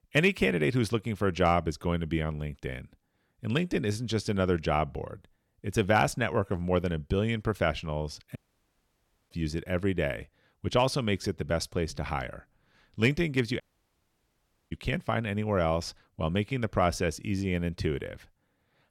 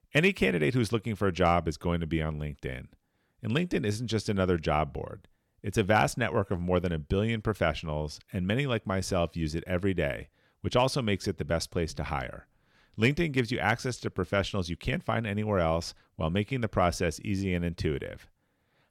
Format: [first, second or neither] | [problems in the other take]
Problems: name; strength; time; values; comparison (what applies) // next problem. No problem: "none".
second | audio cutting out; at 8.5 s for 1 s and at 14 s for 1 s